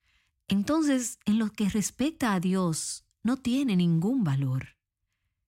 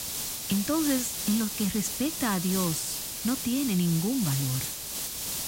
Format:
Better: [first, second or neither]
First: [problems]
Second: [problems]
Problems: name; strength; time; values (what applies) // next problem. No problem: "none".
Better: first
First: none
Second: hiss; loud; throughout; 2 dB below the speech